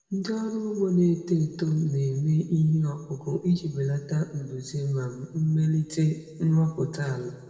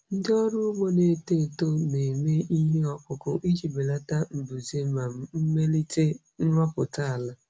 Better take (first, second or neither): second